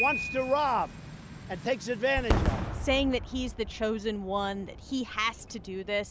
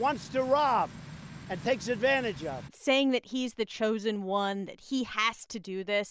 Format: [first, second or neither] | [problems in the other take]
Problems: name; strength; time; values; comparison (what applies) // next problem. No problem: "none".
second | background sound (Fireworks + Piano); 4 dB below the speech